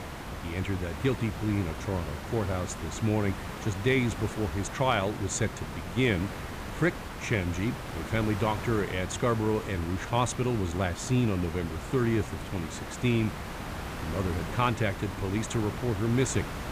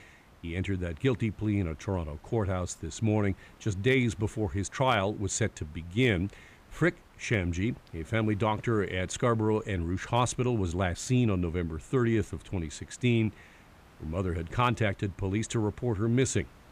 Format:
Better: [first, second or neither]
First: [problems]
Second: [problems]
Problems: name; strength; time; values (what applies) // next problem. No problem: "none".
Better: second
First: hiss; loud; throughout; 8 dB below the speech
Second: hiss; faint; throughout; 25 dB below the speech